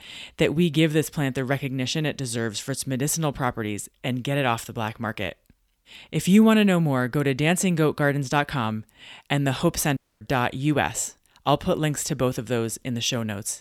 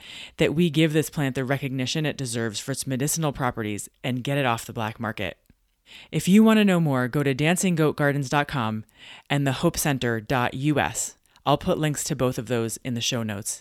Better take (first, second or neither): second